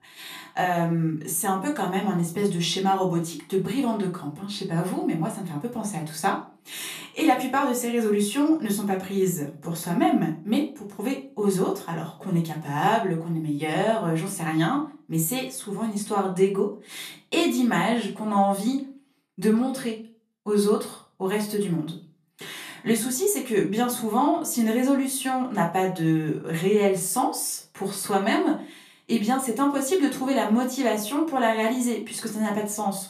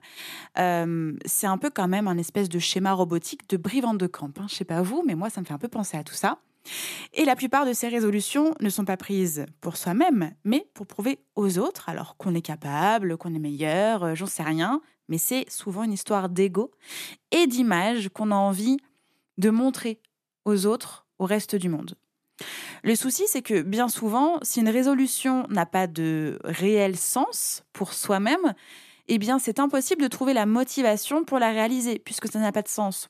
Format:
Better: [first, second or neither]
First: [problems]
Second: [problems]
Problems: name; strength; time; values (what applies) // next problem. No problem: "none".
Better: second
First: room echo; slight; dies away in 0.3 s // off-mic speech; far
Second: none